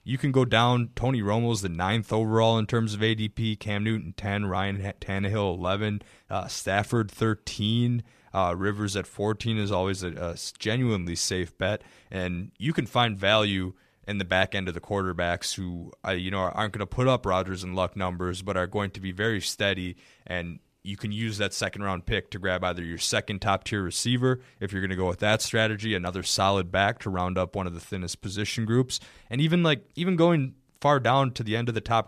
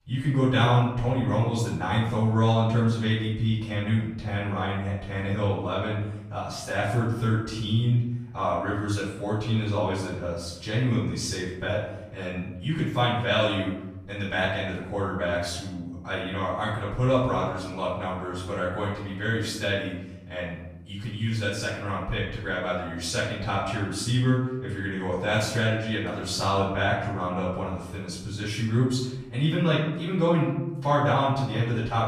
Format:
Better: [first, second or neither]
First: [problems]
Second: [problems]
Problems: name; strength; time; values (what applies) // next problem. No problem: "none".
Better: first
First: none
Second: off-mic speech; far // room echo; noticeable; dies away in 0.9 s